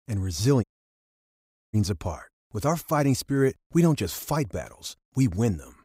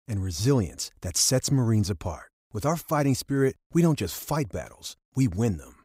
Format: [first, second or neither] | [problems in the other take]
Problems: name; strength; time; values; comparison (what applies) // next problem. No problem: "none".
second | audio cutting out; at 0.5 s for 1 s